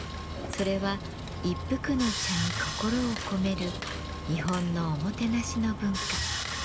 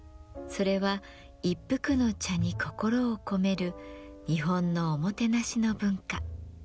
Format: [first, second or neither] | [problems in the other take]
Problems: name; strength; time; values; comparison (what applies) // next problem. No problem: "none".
second | background sound (Sawing); 4 dB below the speech